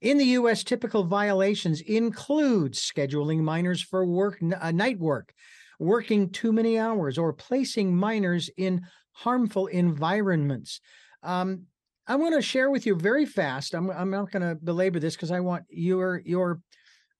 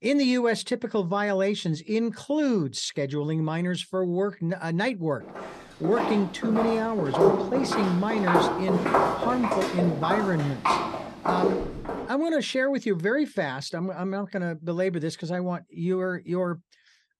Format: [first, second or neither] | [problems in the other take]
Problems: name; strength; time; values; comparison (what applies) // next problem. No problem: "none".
first | footsteps; loud; from 6 to 12 s; peak 5 dB above the speech